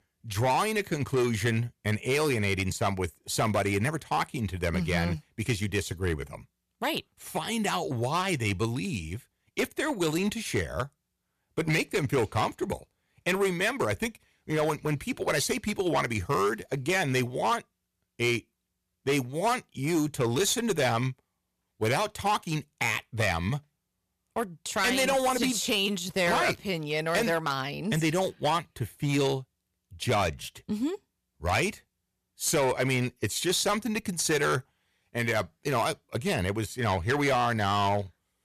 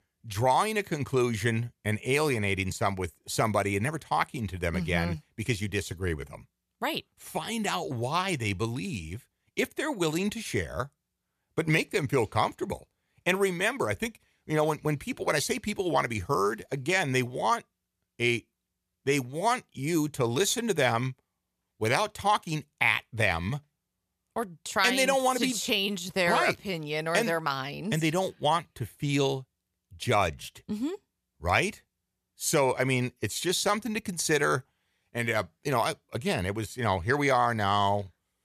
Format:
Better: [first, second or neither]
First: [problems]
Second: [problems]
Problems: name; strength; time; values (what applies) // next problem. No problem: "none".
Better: second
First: distortion; slight; 7% of the sound clipped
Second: none